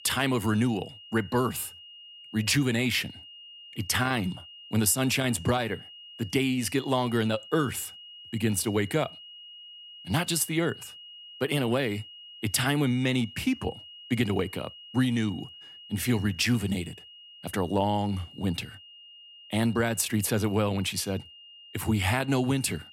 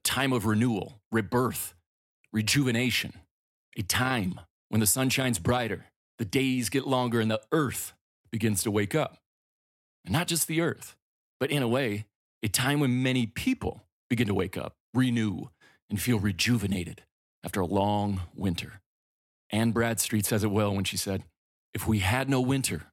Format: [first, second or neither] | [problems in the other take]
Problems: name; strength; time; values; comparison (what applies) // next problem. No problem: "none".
second | high-pitched whine; noticeable; throughout; 3 kHz, 15 dB below the speech